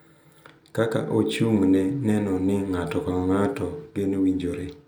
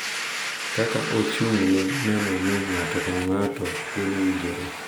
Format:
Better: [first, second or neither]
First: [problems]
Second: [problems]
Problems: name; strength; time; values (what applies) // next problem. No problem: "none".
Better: first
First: none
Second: background sound (Domestic sounds, home sounds); 5 dB below the speech